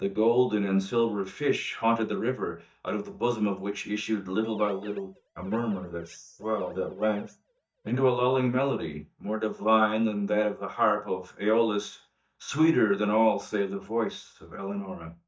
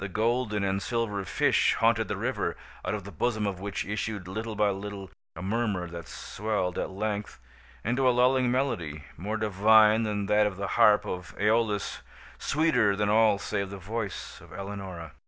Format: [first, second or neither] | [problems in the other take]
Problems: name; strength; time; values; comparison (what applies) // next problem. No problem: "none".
second | noise reduction (neural mask model DeepFilterNet 3)